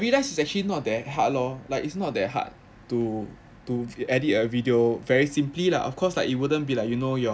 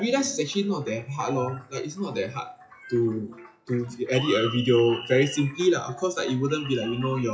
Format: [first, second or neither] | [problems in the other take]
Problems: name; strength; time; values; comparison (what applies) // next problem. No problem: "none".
first | noise reduction (classical method WPE with log-MMSE)